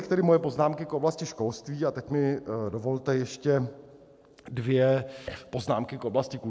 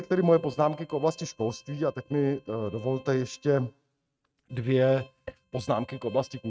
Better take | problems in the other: first | noise reduction (neural mask model RNNoise)

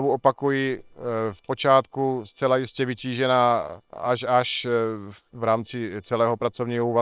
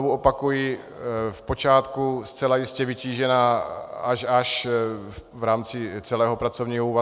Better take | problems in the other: second | noise reduction (neural separator model SepFormer WHAM!)

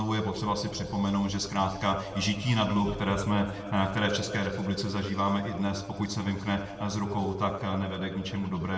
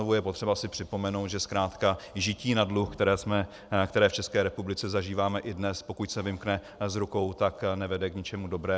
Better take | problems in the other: second | room echo; dies away in 1.9 s

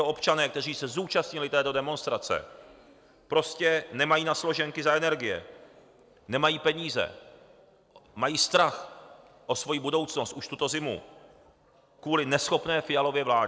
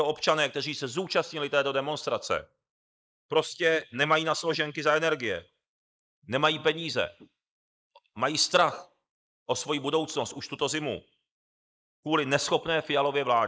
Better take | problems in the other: first | noise reduction (neural mask model Resemble Enhance denoiser)

